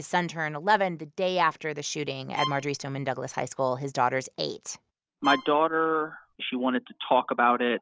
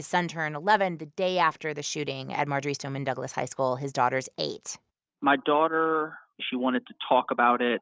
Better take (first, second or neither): second